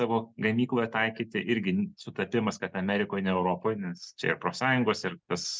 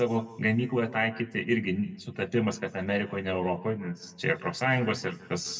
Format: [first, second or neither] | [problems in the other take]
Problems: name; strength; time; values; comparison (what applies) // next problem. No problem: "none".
first | room echo; dies away in 1.1 s